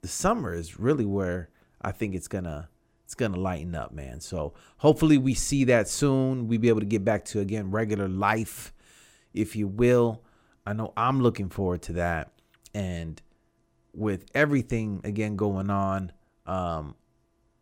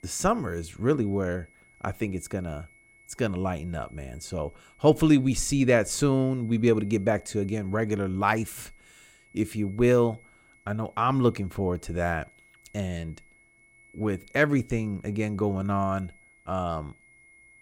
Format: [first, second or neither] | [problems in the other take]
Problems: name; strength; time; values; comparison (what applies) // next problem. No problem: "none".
first | high-pitched whine; faint; throughout; 2 kHz, 30 dB below the speech